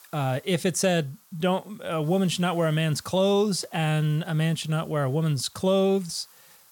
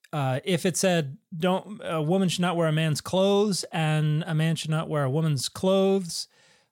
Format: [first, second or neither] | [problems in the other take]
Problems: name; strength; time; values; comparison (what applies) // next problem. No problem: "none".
second | hiss; faint; throughout; 25 dB below the speech